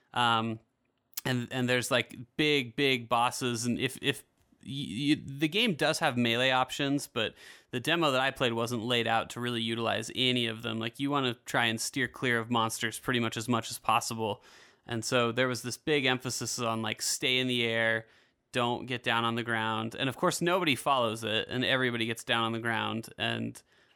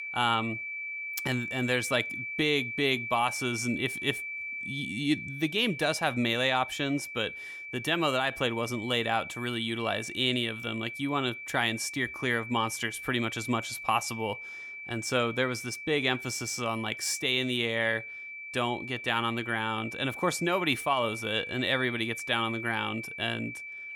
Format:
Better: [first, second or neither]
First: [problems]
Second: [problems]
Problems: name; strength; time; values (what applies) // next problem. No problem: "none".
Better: first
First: none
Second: high-pitched whine; loud; throughout; 2.5 kHz, 7 dB below the speech